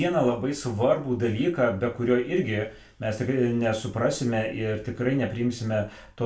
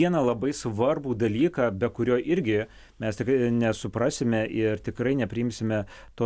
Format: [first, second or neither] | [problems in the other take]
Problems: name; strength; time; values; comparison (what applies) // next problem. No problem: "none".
second | room echo; dies away in 0.3 s